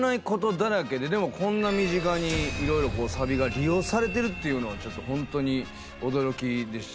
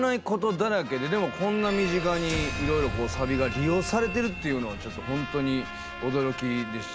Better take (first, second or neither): first